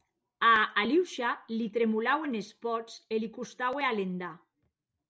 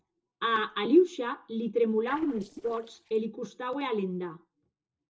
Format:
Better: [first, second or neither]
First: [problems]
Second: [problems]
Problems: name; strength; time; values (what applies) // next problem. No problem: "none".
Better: first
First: none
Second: noise reduction (neural separator model SepFormer DNS4)